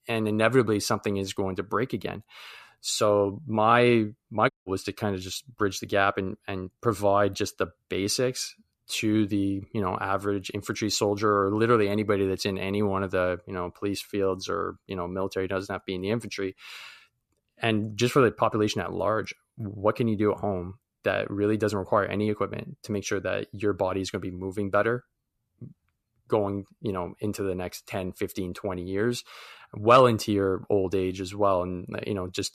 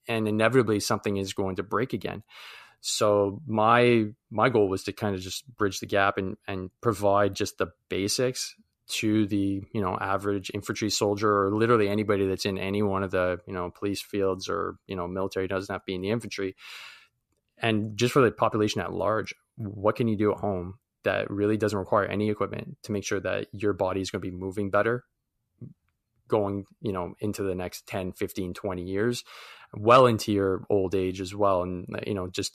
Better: second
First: audio cutting out; at 4.5 s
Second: none

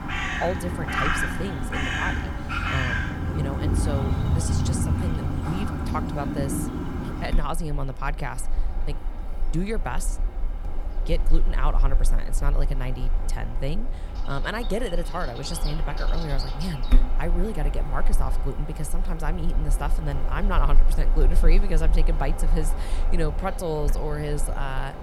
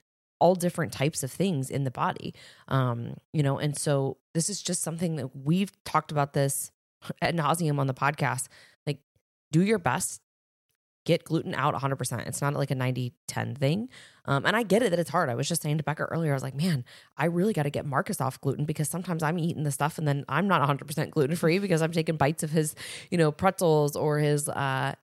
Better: second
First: animal sounds; very loud; throughout; 4 dB above the speech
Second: none

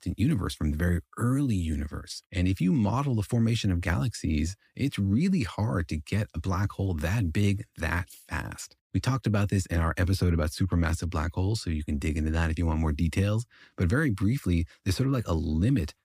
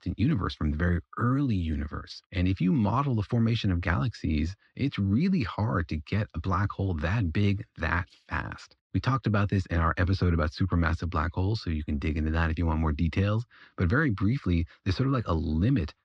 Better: first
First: none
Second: muffled; very slightly; fading above 4.5 kHz

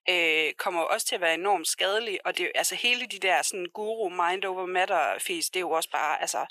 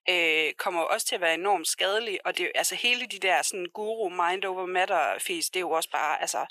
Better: neither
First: thin; very; fading below 400 Hz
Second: thin; very; fading below 400 Hz

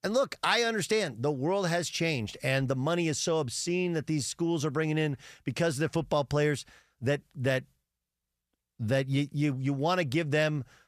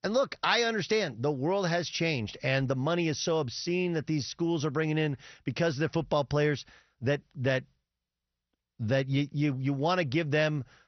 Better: first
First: none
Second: garbled, watery; slightly; nothing above 6 kHz

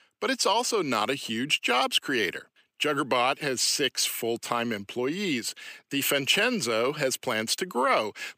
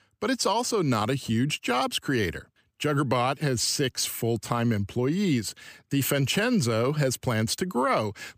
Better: second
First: thin; somewhat; fading below 300 Hz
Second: none

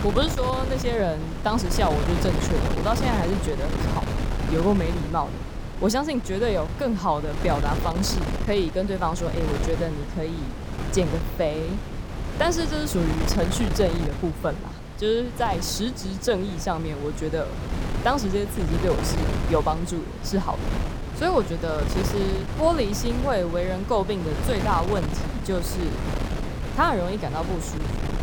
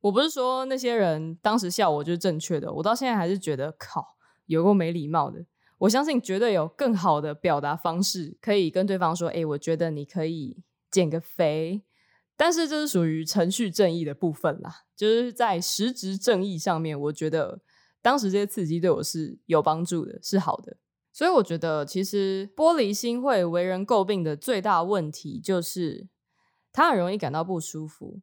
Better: second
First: wind noise on the microphone; heavy; 7 dB below the speech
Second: none

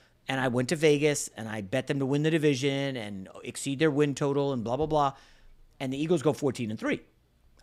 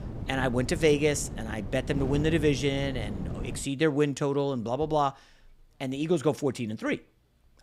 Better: first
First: none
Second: wind noise on the microphone; occasional gusts; until 3.5 s; 15 dB below the speech

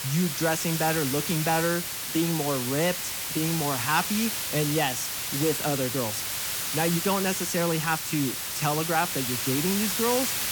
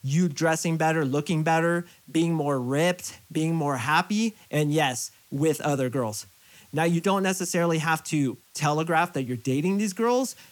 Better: second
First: hiss; loud; throughout; 1 dB below the speech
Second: hiss; faint; throughout; 30 dB below the speech

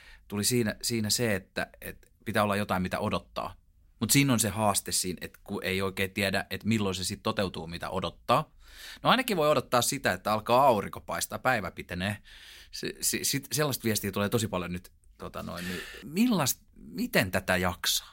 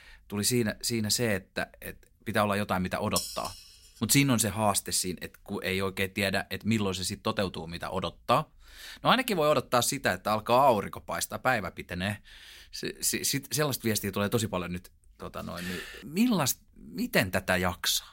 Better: first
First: none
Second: clattering dishes; noticeable; at 3 s; peak 4 dB below the speech

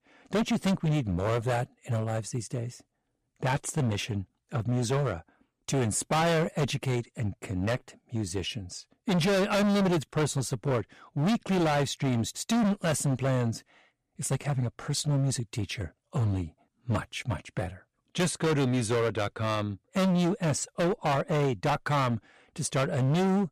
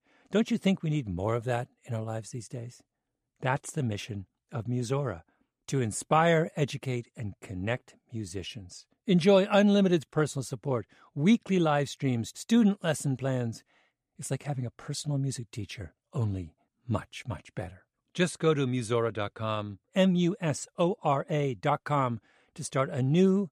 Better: second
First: distortion; heavy; 17% of the sound clipped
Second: none

